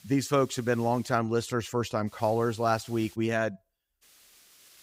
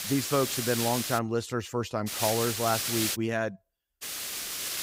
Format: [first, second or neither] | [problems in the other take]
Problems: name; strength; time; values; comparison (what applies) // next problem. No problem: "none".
first | hiss; loud; until 1 s, from 2 to 3 s and at 4 s; 1 dB below the speech; faint in the first